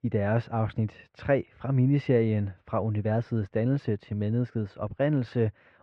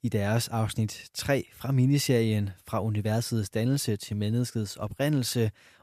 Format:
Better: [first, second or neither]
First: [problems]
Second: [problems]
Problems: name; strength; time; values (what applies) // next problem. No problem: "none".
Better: second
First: muffled; very; fading above 2 kHz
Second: none